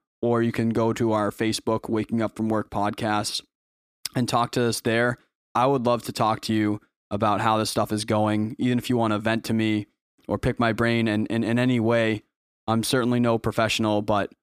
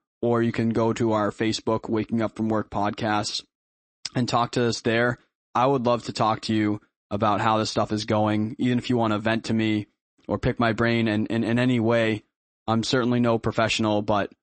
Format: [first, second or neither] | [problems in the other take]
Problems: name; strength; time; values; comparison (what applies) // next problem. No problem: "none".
first | garbled, watery; slightly; nothing above 8 kHz